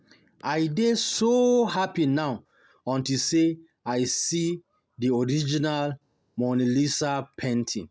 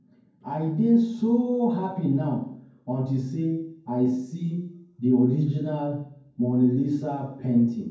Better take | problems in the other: first | room echo; dies away in 0.9 s

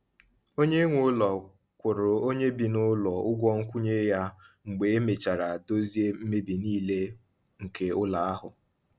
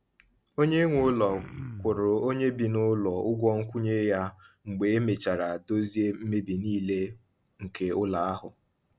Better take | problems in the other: first | background sound (Cough); 13 dB below the speech

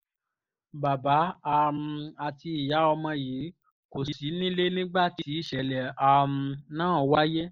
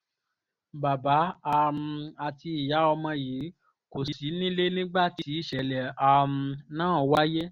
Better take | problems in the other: second | noise reduction (neural mask model Resemble Enhance denoiser)

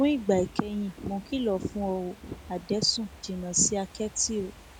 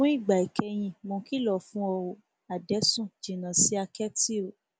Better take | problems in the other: second | background sound (Fireworks / Ocean); 14 dB below the speech

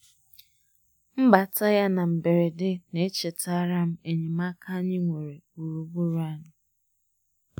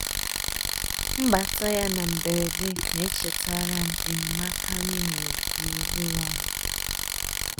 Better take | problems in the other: first | background sound (Tools); 2 dB above the speech

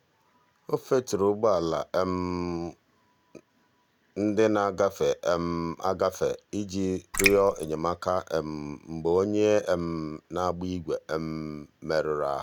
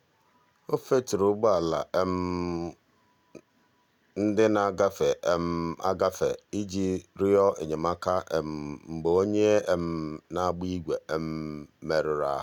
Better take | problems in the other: second | background sound (Raindrop); 1 dB below the speech

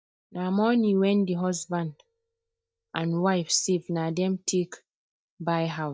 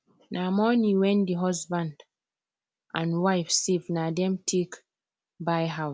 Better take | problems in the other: second | noise reduction (neural mask model DeepFilterNet 3)

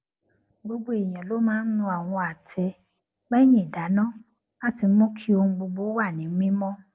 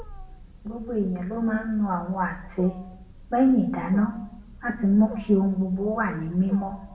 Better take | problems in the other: first | background sound (Wild animals); 18 dB below the speech // room echo; dies away in 0.8 s

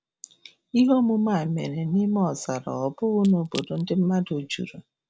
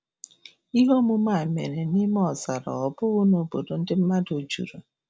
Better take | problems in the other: second | background sound (Crack / Crushing); 20 dB below the speech

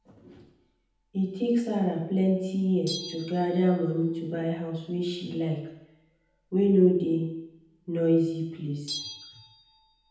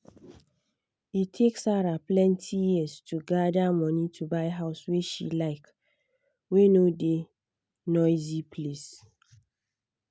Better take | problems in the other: second | background sound (Bell); 19 dB below the speech // room echo; dies away in 0.9 s

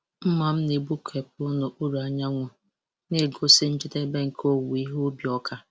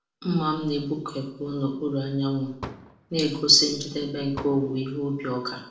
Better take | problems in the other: first | background sound (Fireworks); 15 dB below the speech // room echo; dies away in 0.6 s

